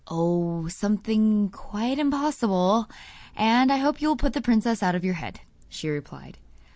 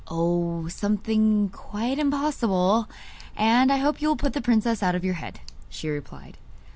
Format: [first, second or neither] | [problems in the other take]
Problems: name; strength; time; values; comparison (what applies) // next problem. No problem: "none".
first | background sound (Tick); 16 dB below the speech